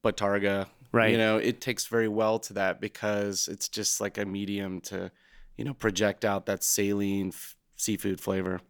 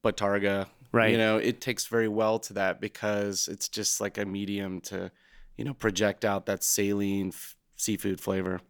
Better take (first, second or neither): neither